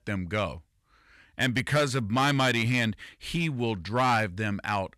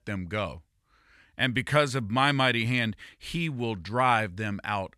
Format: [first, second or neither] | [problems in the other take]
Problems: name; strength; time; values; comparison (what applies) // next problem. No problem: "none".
second | distortion; slight; 4% of the sound clipped